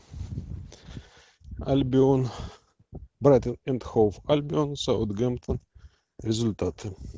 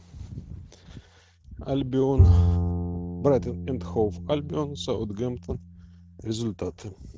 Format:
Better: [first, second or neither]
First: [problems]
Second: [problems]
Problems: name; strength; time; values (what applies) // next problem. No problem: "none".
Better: first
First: none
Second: background sound (Bowed string instrument); 2 dB above the speech